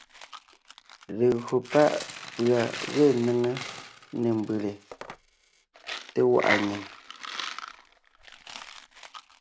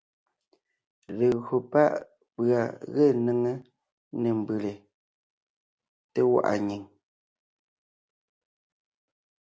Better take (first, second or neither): second